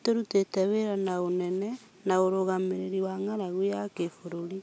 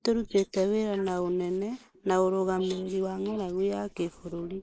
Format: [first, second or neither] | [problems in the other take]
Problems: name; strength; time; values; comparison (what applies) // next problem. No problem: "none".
first | noise reduction (neural mask model Resemble Enhance denoiser)